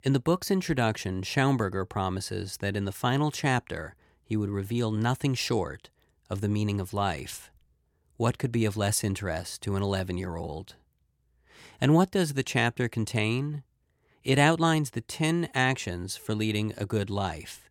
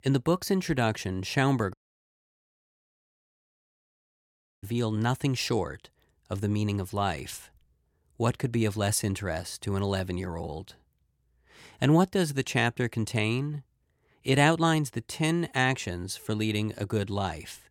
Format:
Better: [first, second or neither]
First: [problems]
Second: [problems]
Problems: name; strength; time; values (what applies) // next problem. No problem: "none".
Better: first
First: none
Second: audio cutting out; at 1.5 s for 3 s